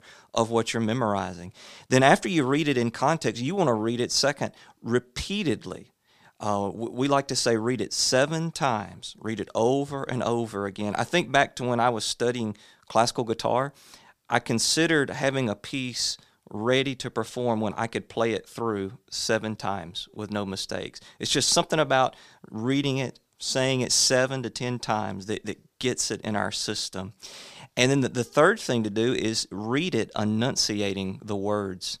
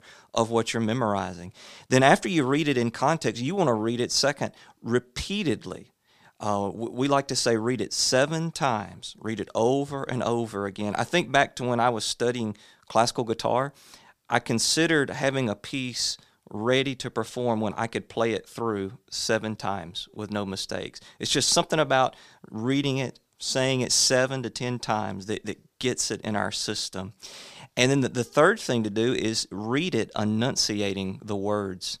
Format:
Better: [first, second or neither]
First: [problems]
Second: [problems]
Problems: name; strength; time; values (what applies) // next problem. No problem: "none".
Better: neither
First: none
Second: none